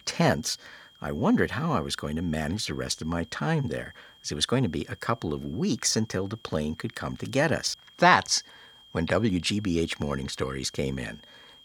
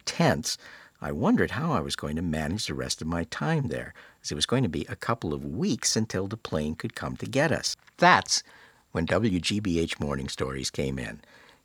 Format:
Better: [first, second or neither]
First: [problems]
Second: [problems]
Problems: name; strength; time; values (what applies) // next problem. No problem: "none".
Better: second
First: high-pitched whine; faint; throughout; 3 kHz, 25 dB below the speech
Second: none